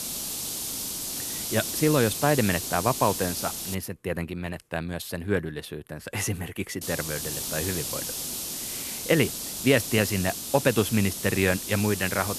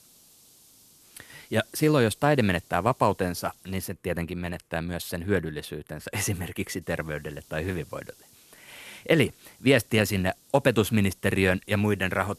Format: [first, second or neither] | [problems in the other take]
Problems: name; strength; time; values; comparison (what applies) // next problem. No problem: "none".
second | hiss; loud; until 4 s and from 7 s on; 4 dB below the speech; faint in the second